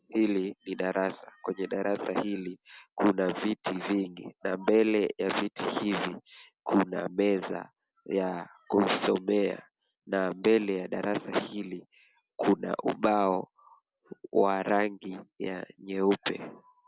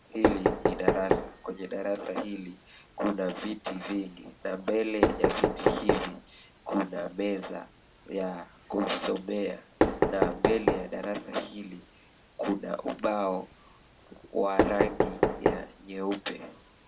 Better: first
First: none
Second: background sound (Knock); 1 dB above the speech // room echo; dies away in 0.2 s

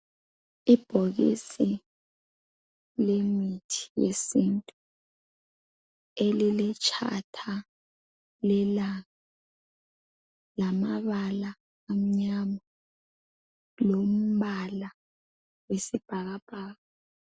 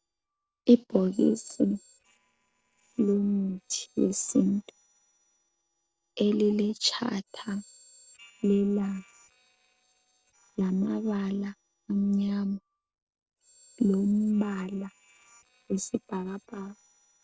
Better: first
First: none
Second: noise reduction (neural separator model SepFormer DNS4)

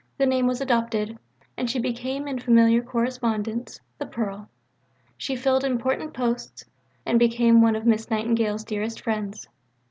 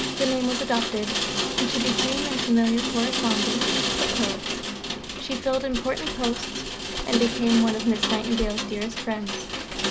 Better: first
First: none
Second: background sound (Rain); 1 dB below the speech

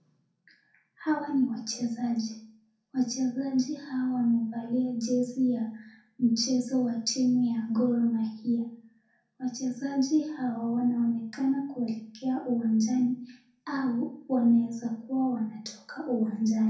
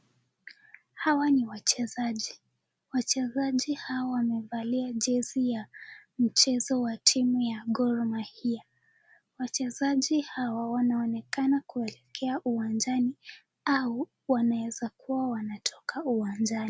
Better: second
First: room echo; dies away in 0.5 s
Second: none

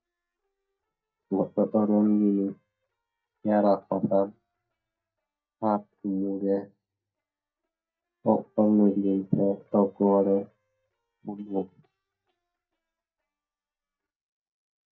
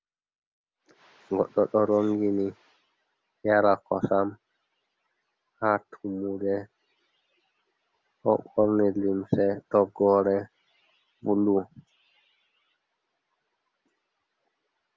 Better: second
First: noise reduction (neural mask model DeepFilterNet 3)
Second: none

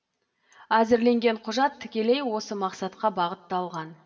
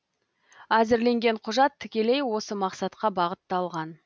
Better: second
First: room echo; dies away in 1.4 s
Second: none

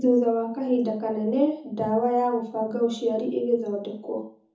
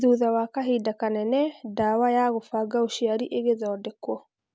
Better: second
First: room echo; dies away in 0.5 s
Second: none

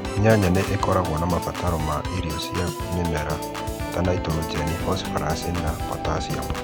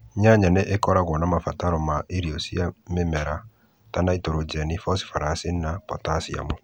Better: second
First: background sound (Organ); 4 dB below the speech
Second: none

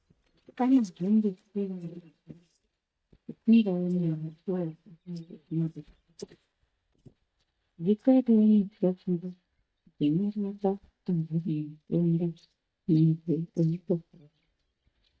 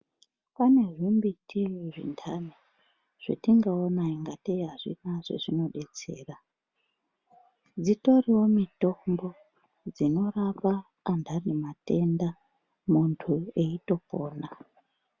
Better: second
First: noise reduction (neural mask model DeepFilterNet 3)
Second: none

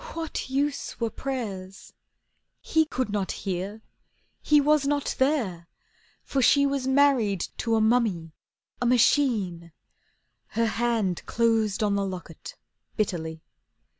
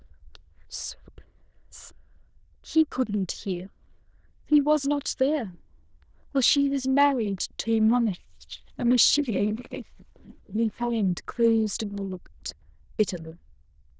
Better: first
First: none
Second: noise reduction (neural diffusion model UNIVERSE++)

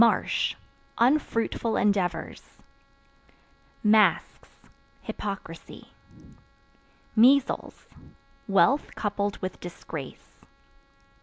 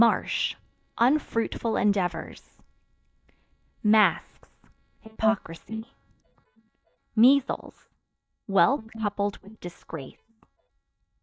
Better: first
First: none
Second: noise reduction (neural mask model DeepFilterNet 3)

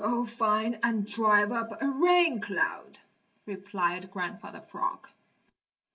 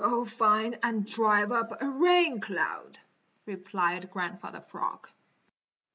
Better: second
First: room echo; dies away in 0.1 s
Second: none

